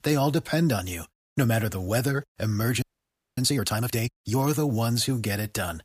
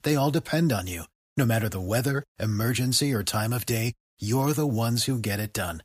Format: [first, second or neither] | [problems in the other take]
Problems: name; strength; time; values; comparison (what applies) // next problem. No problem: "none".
second | audio freezing; at 3 s for 0.5 s